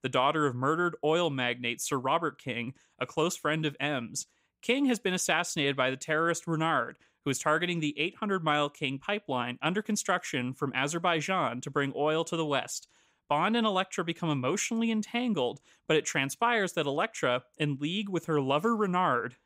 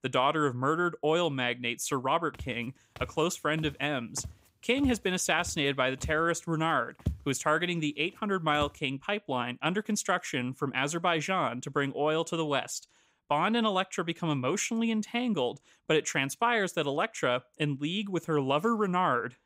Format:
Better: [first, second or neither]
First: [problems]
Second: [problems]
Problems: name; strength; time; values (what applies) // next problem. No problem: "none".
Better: first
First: none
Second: footsteps; noticeable; from 2.5 to 8.5 s; peak 7 dB below the speech